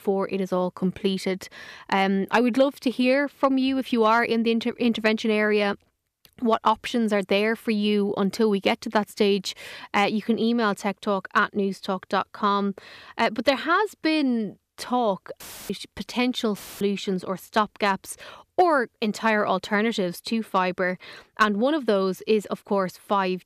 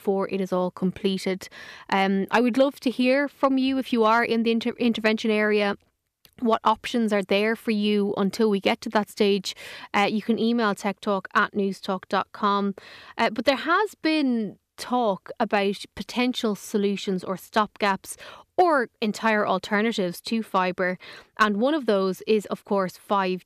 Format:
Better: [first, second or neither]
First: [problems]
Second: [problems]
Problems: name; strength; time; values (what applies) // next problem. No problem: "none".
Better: second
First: audio cutting out; filled with static; at 15 s and at 17 s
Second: none